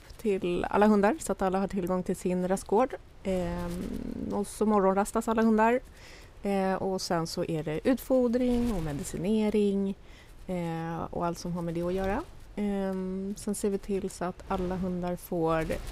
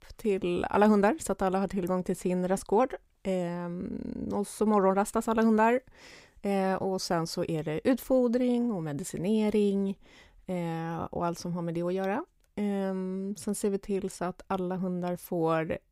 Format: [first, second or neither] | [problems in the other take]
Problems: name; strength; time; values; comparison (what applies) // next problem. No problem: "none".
second | wind noise on the microphone; occasional gusts; 25 dB below the speech